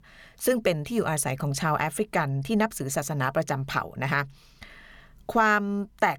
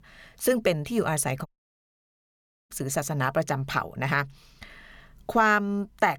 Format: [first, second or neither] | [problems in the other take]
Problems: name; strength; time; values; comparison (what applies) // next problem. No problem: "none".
first | audio cutting out; at 1.5 s for 1 s